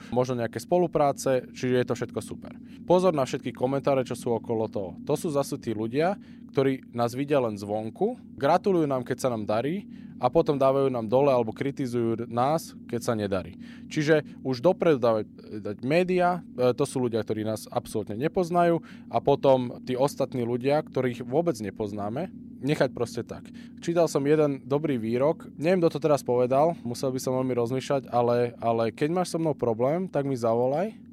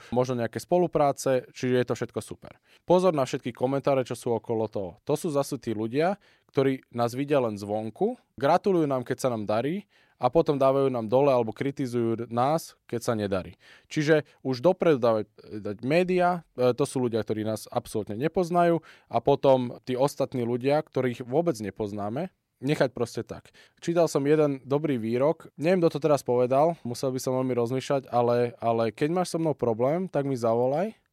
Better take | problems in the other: second | low rumble; faint; throughout; 25 dB below the speech

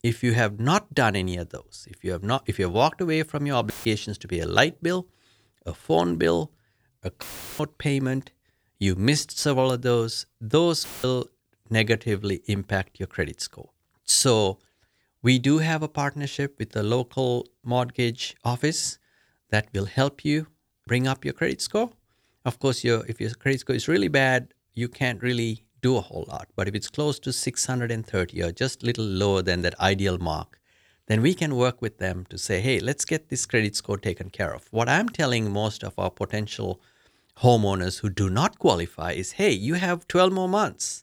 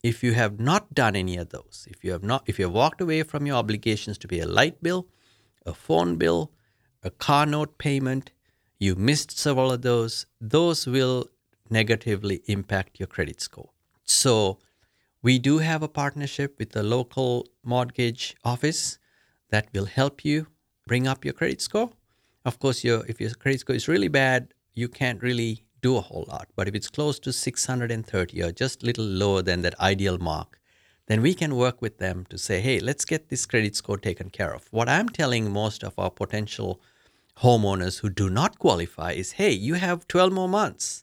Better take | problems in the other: second | audio cutting out; filled with static; at 3.5 s, at 7 s and at 11 s

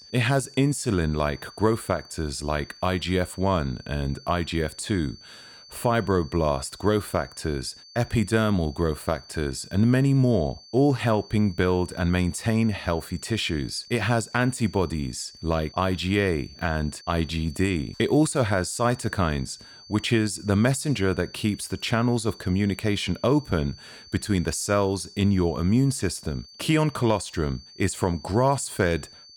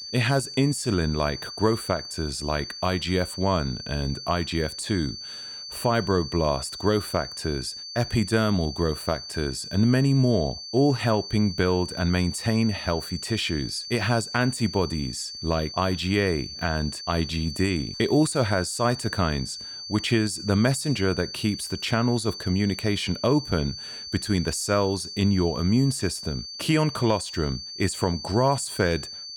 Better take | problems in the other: first | high-pitched whine; loud; throughout; 4.5 kHz, 9 dB below the speech; faint in the first

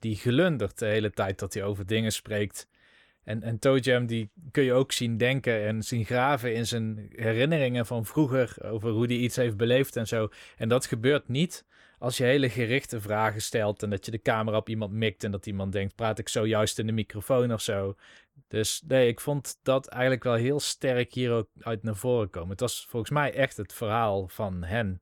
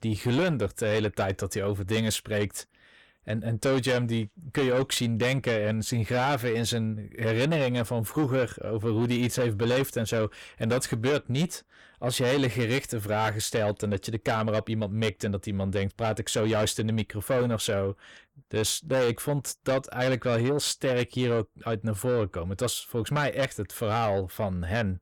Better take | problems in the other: first | distortion; slight; 10 dB below the speech

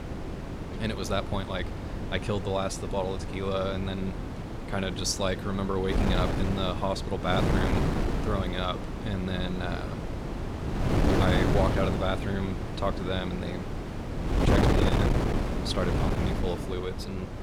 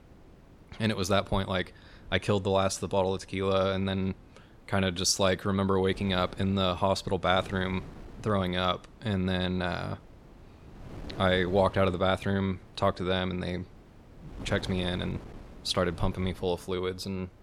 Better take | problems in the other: second | wind noise on the microphone; heavy; 2 dB below the speech; occasional gusts in the second

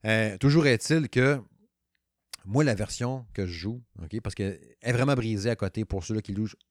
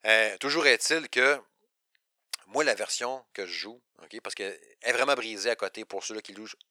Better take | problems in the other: first | thin; very; fading below 550 Hz

